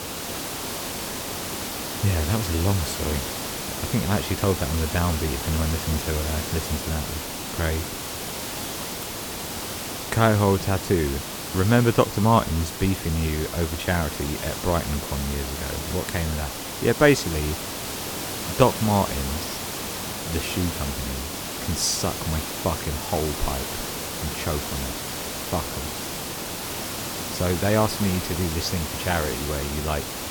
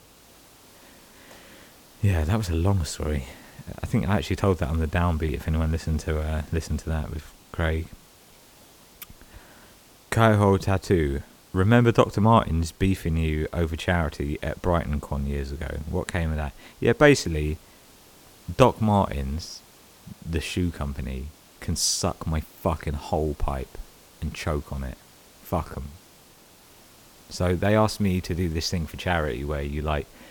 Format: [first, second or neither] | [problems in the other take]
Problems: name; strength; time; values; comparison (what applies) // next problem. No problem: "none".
second | hiss; loud; throughout; 4 dB below the speech; faint in the second